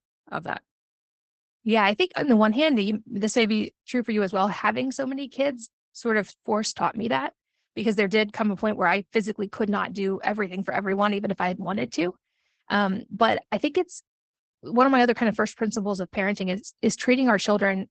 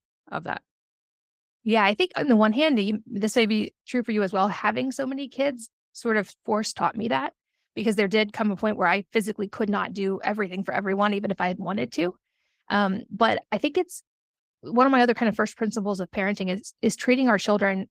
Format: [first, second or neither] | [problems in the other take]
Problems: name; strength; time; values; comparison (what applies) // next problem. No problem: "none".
second | garbled, watery; badly; nothing above 8 kHz; slightly in the second